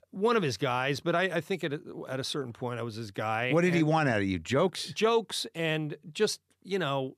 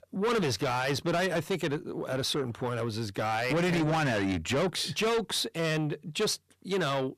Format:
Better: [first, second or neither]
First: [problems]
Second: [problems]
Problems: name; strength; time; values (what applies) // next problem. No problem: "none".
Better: first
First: none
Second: distortion; heavy; 6 dB below the speech